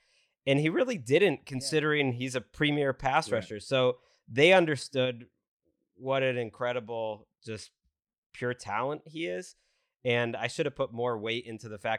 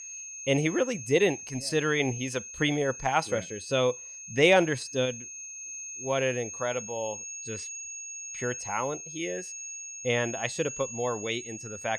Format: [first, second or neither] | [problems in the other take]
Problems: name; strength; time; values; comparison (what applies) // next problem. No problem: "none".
first | high-pitched whine; loud; throughout; 6.5 kHz, 9 dB below the speech